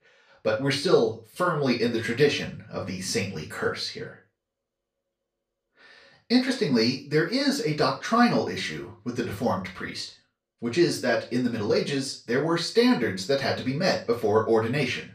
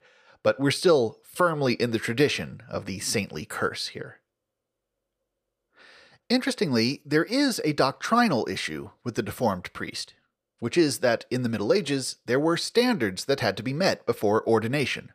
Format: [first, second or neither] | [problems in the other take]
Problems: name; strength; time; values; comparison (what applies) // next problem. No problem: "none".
second | room echo; slight; dies away in 0.3 s // off-mic speech; far